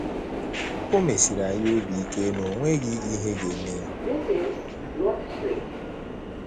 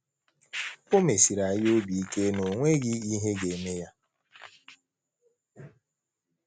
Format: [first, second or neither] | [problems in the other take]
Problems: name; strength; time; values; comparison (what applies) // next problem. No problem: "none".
second | background sound (Subway, metro, underground); 2 dB below the speech